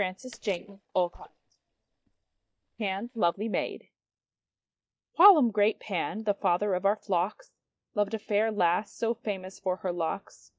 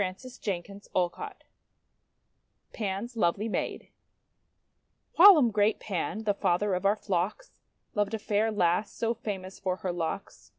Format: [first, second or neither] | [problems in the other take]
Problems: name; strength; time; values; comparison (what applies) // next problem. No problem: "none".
second | noise reduction (neural mask model DeepFilterNet 3)